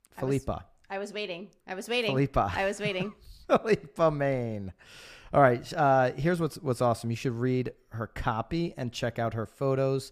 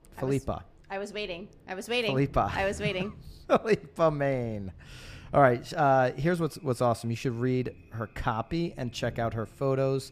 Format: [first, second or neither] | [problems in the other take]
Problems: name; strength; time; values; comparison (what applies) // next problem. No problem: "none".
first | rain or running water; faint; throughout; 20 dB below the speech